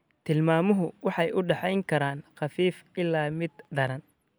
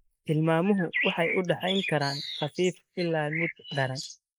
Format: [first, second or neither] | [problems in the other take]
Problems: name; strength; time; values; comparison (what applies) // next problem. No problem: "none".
first | noise reduction (neural mask model Resemble Enhance denoiser)